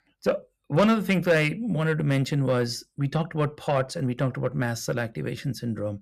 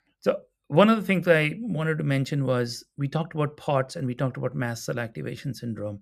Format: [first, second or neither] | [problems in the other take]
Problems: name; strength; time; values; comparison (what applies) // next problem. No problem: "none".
second | distortion; slight; 10 dB below the speech